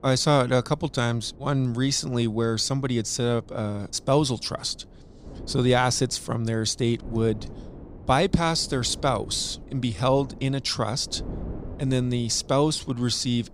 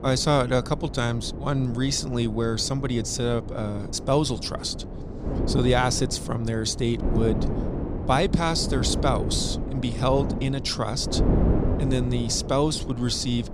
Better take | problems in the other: first | wind noise on the microphone; heavy; 9 dB below the speech; occasional gusts in the first

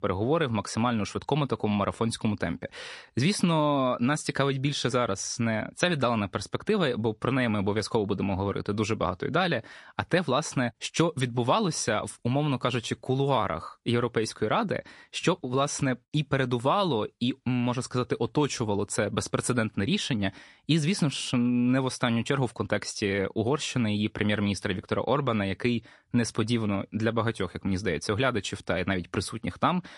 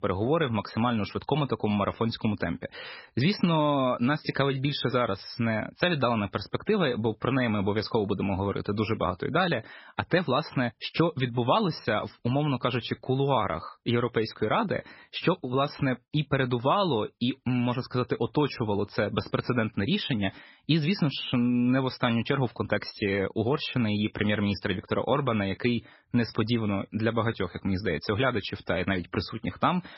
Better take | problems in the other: first | garbled, watery; badly; nothing above 5.5 kHz; slightly in the first

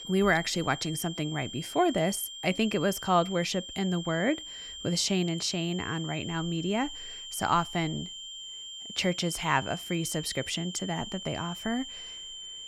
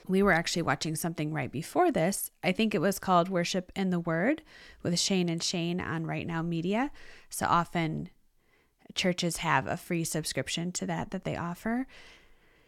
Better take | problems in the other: second | high-pitched whine; loud; throughout; 3 kHz, 9 dB below the speech

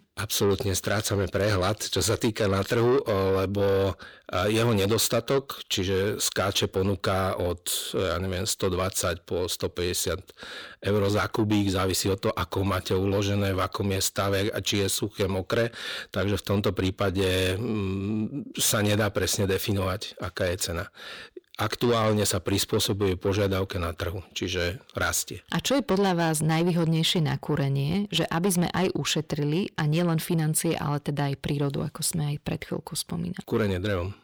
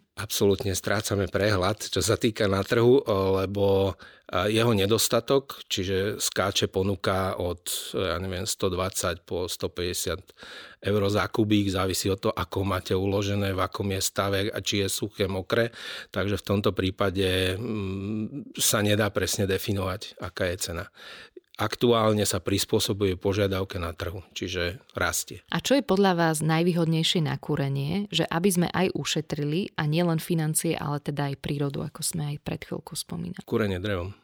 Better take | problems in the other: second | distortion; slight; 10 dB below the speech

